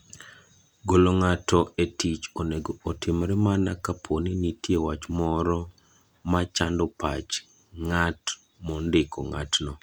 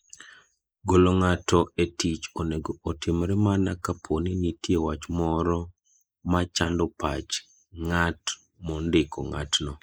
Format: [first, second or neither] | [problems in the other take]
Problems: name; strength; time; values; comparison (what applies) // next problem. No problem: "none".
first | noise reduction (neural mask model Resemble Enhance denoiser)